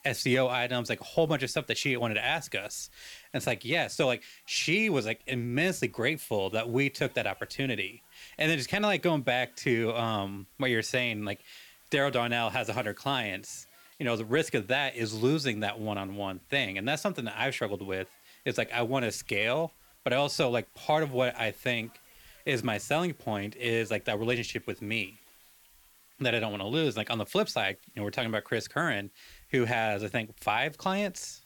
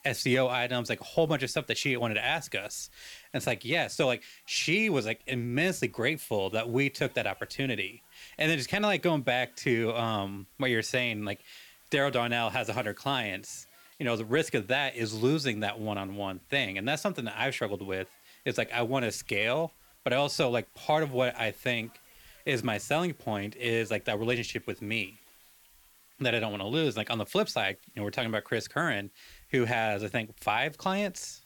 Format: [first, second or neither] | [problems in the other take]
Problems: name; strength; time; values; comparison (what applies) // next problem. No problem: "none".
neither | hiss; faint; throughout; 25 dB below the speech; the same in both